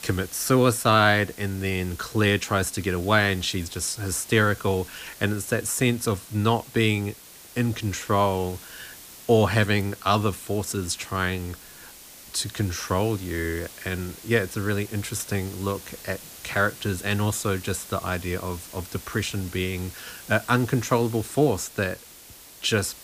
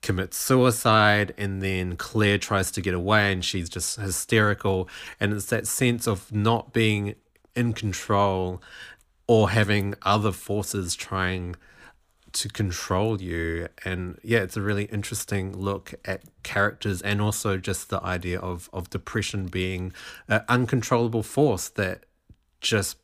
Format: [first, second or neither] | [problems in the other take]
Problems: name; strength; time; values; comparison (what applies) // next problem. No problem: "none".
second | hiss; noticeable; throughout; 15 dB below the speech